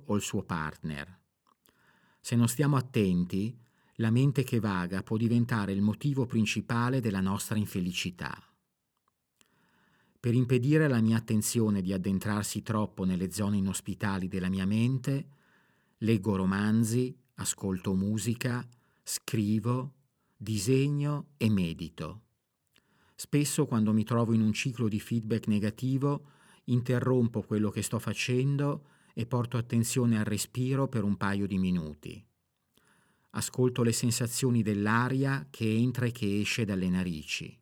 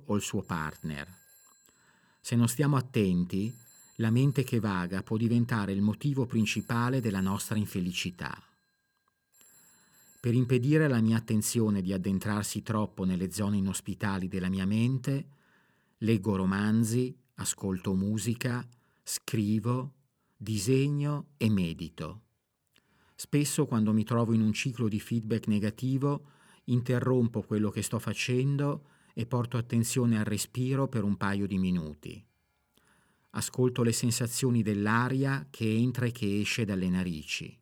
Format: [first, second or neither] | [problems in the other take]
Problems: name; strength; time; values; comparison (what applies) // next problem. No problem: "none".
first | alarms or sirens; faint; throughout; 30 dB below the speech